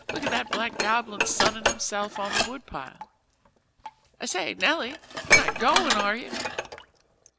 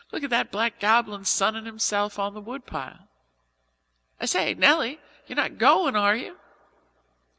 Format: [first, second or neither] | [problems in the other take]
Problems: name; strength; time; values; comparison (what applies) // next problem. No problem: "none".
second | background sound (Dishes, pots, and pans); 1 dB above the speech